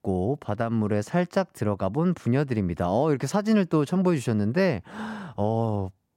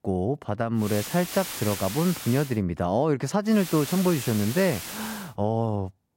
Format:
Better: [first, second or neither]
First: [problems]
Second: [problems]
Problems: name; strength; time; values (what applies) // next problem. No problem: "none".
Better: first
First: none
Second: hiss; loud; from 1 to 2.5 s and from 3.5 to 5 s; 9 dB below the speech